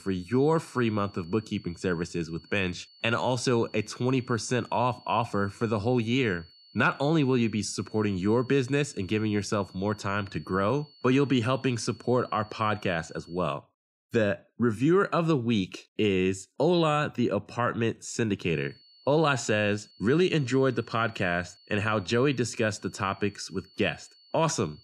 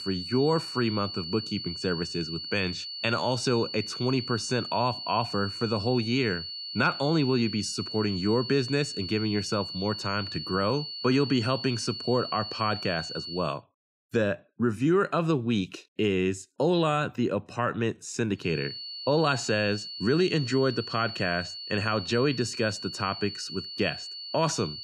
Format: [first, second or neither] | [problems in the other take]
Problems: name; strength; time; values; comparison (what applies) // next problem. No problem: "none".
first | high-pitched whine; loud; until 13 s and from 19 s on; 4.5 kHz, 7 dB below the speech; faint in the first